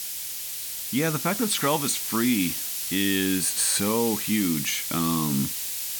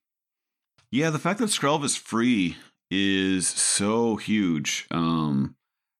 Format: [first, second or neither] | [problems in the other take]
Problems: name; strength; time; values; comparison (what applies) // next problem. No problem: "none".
second | hiss; loud; throughout; 3 dB below the speech